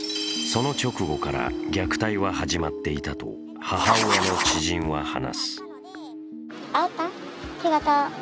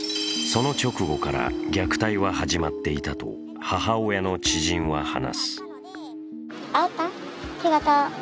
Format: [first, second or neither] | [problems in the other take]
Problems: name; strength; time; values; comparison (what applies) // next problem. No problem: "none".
second | background sound (Writing); 1 dB above the speech